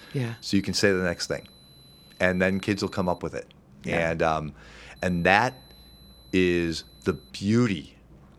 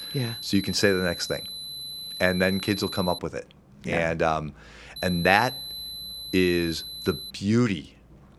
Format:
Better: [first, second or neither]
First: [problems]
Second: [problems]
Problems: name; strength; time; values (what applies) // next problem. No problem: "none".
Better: first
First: high-pitched whine; faint; until 3 s and from 5 to 7.5 s; 4 kHz, 25 dB below the speech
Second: high-pitched whine; loud; until 3 s and from 5 to 7.5 s; 4 kHz, 9 dB below the speech